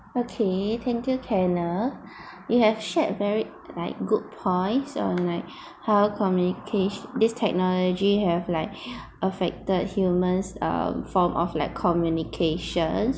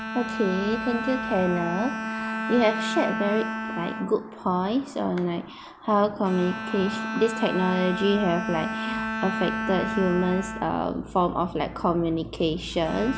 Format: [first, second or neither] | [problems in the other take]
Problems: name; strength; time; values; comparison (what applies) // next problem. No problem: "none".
first | background sound (Bowed string instrument); 6 dB below the speech